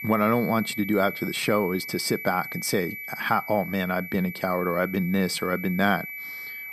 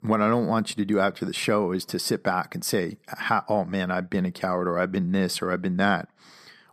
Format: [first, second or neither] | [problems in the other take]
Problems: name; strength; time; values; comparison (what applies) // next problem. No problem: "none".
second | high-pitched whine; loud; throughout; 2.5 kHz, 9 dB below the speech